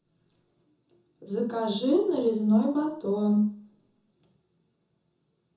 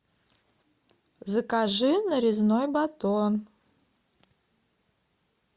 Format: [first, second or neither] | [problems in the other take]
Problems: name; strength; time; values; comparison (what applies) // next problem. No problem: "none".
second | room echo; dies away in 0.5 s